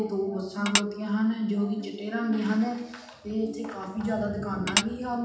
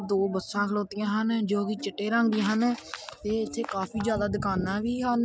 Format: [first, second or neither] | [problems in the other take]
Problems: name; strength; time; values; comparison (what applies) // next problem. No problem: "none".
second | background sound (Tap / Dishes, pots, and pans); 2 dB above the speech // room echo; dies away in 0.8 s